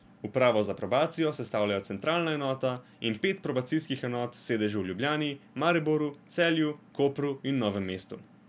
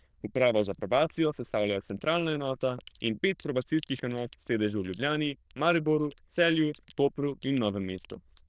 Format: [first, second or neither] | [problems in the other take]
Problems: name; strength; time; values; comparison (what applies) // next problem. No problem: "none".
first | noise reduction (neural diffusion model UNIVERSE++)